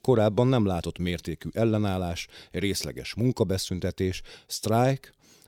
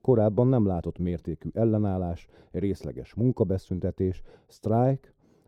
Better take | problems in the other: first | muffled; very; fading above 1.5 kHz

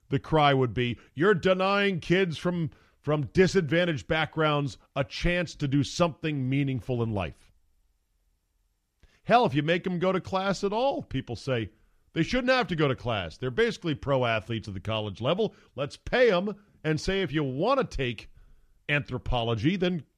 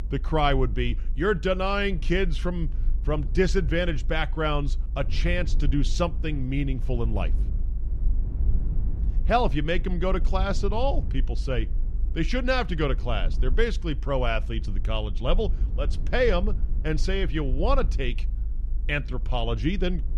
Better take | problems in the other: first | low rumble; faint; throughout; 20 dB below the speech

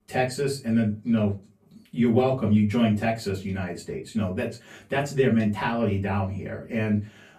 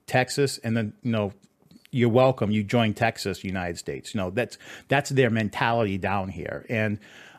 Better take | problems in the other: second | off-mic speech; far // room echo; very slight; dies away in 0.2 s

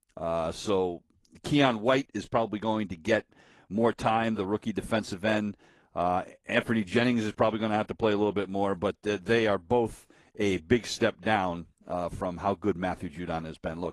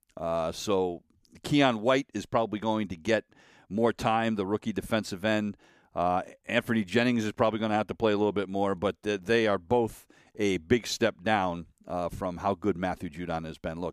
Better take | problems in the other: second | garbled, watery; slightly

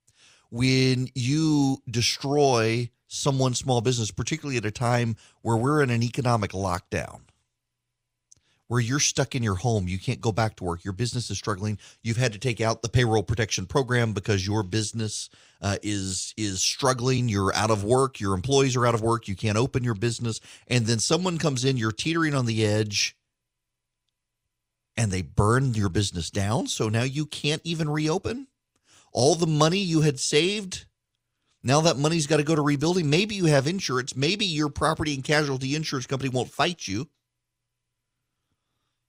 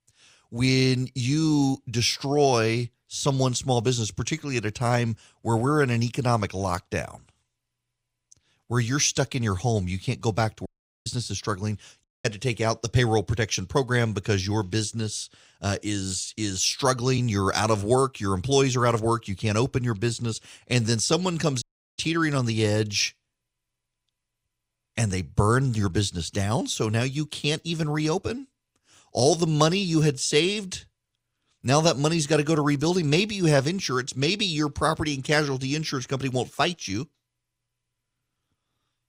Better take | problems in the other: first | audio cutting out; at 11 s, at 12 s and at 22 s

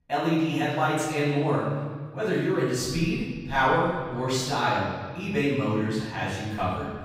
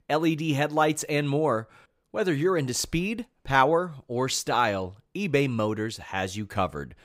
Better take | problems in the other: second | room echo; strong; dies away in 1.9 s // off-mic speech; far

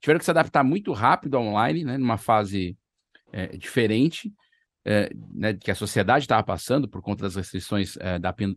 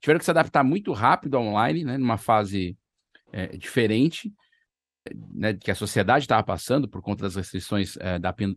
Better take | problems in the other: first | audio freezing; at 4.5 s

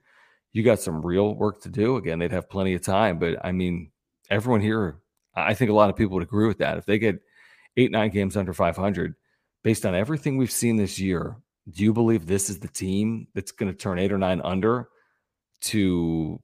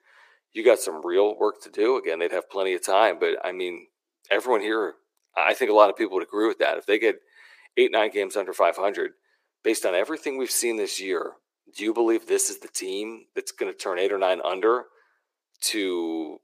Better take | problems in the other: first | thin; very; fading below 350 Hz

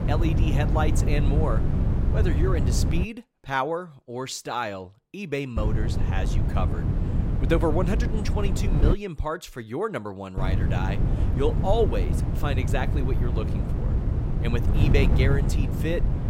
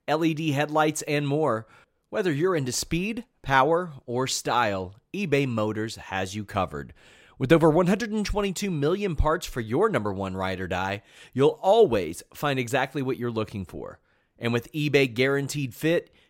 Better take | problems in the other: second | wind noise on the microphone; heavy; until 3 s, from 5.5 to 9 s and from 10 s on; 6 dB below the speech

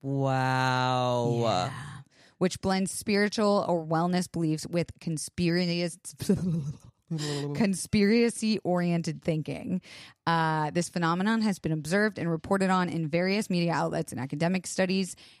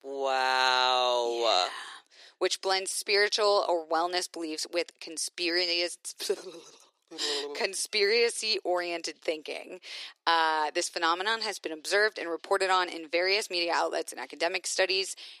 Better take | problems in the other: first | thin; very; fading below 350 Hz

